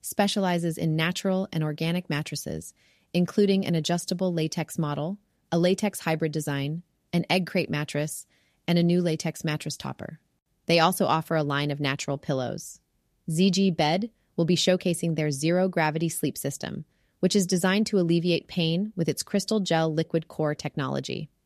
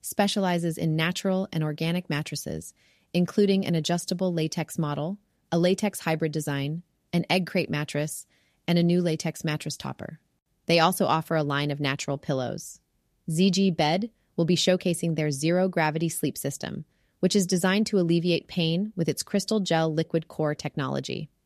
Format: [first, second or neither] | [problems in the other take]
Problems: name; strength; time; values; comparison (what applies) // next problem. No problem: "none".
neither | none